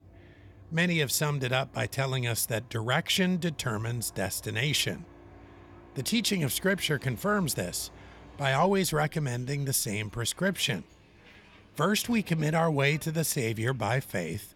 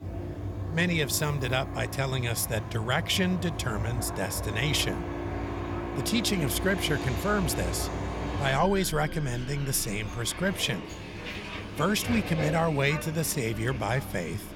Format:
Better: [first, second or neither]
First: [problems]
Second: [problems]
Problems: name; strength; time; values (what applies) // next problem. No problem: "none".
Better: first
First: traffic noise; faint; throughout; 25 dB below the speech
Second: traffic noise; loud; throughout; 7 dB below the speech